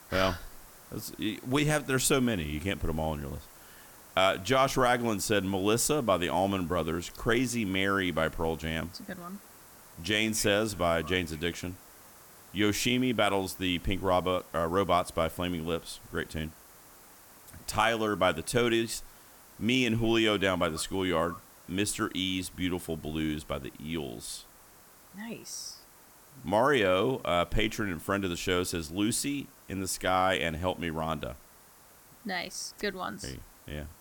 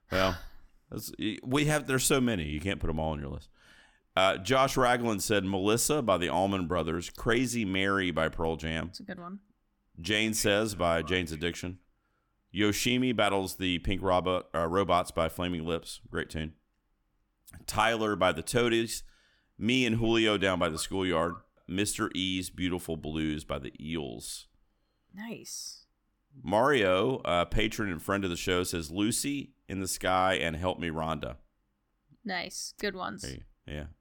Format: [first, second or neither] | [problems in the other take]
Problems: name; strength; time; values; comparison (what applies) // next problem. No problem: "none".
second | hiss; faint; throughout; 20 dB below the speech